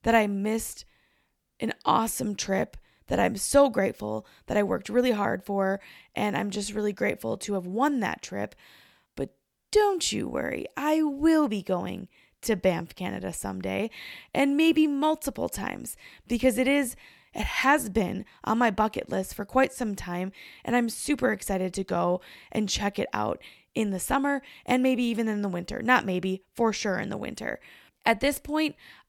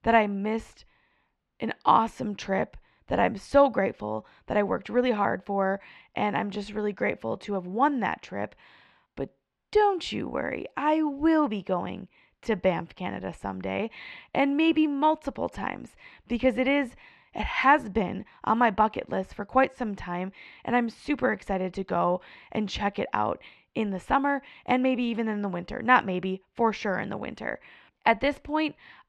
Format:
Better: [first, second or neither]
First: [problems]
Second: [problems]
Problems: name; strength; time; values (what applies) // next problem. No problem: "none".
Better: first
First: none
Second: muffled; slightly; fading above 3 kHz